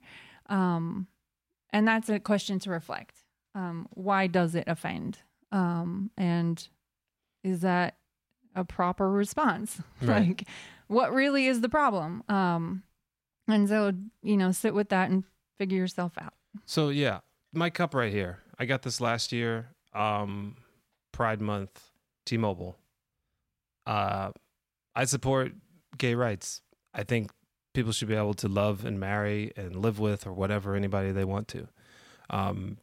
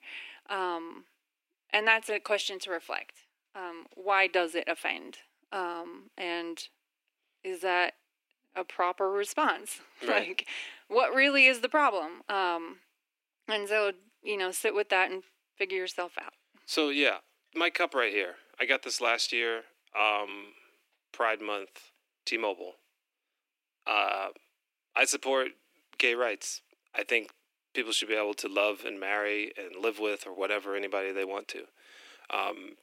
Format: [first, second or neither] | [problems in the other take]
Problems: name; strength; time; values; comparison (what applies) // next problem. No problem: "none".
first | thin; very; fading below 300 Hz